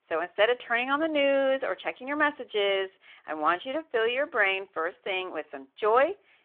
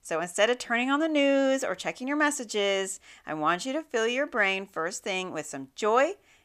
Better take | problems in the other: second | phone-call audio

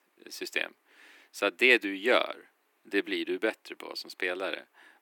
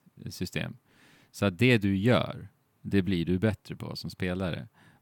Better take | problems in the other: second | thin; very; fading below 300 Hz

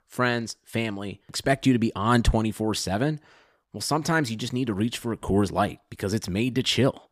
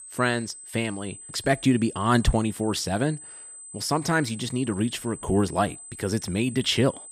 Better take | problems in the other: first | high-pitched whine; noticeable; throughout; 8 kHz, 15 dB below the speech

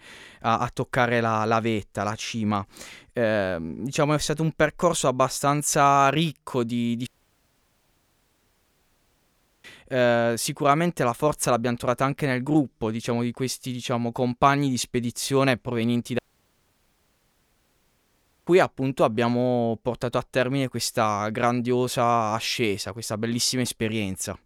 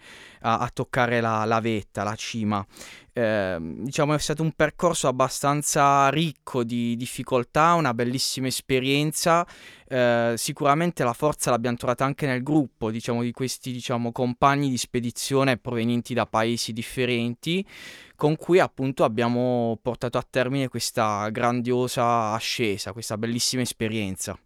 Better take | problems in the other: second | audio cutting out; at 7 s for 2.5 s and at 16 s for 2.5 s

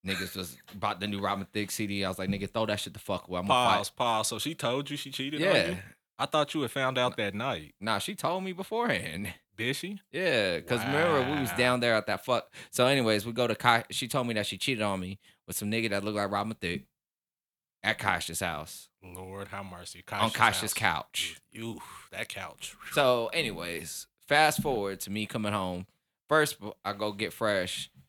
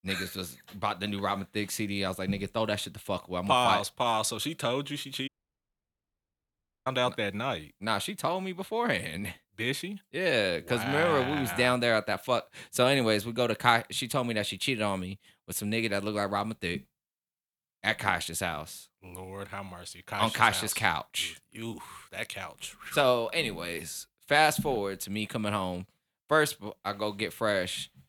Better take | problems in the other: first | audio cutting out; at 5.5 s for 1.5 s

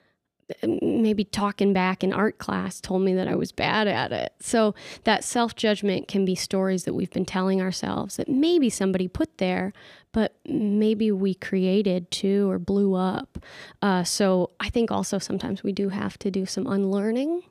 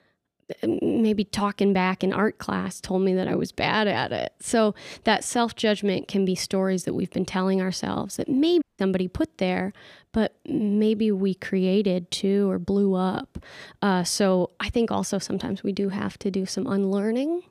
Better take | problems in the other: first | audio cutting out; at 8.5 s

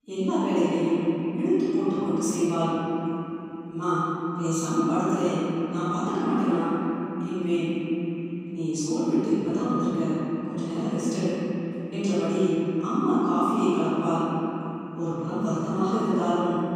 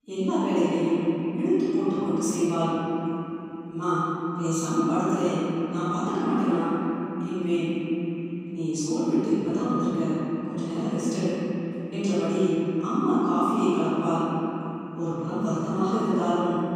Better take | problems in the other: neither | off-mic speech; far; the same in both // room echo; strong; dies away in 3 s; the same in both

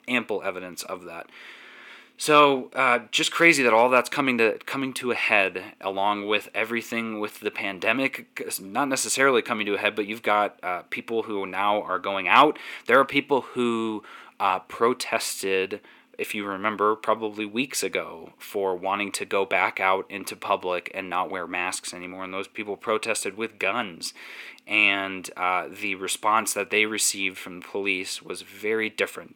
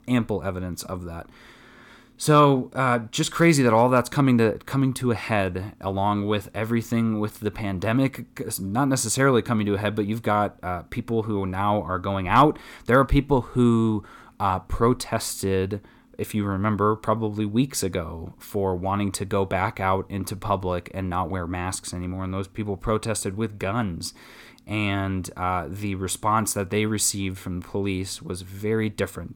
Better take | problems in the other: second | thin; somewhat; fading below 400 Hz

